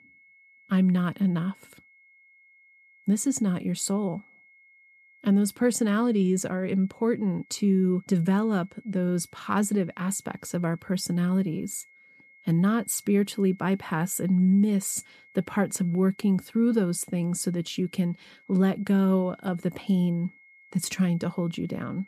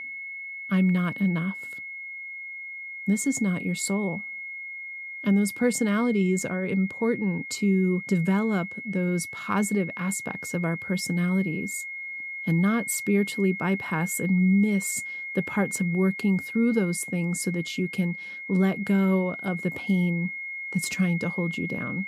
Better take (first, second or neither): first